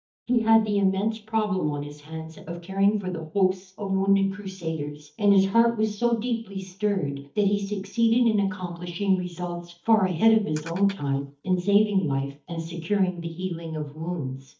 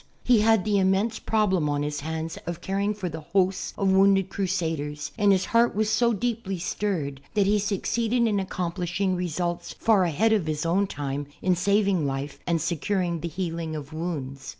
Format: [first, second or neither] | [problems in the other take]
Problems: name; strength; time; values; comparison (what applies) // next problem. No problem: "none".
second | noise reduction (neural mask model DeepFilterNet 3)